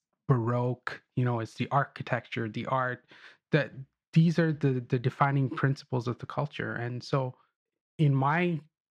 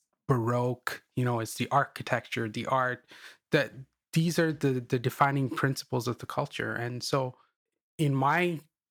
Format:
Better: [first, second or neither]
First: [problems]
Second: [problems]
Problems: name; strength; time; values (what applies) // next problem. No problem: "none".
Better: second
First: muffled; very slightly; fading above 3.5 kHz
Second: none